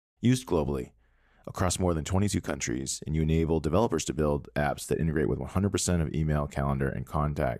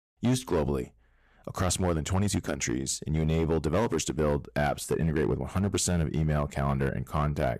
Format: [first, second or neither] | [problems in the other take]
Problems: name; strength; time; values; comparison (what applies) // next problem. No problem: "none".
first | distortion; slight; 7% of the sound clipped